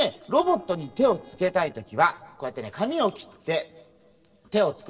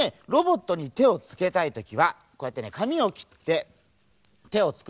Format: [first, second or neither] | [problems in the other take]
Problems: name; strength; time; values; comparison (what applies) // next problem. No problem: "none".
second | noise reduction (neural separator model SepFormer DNS4)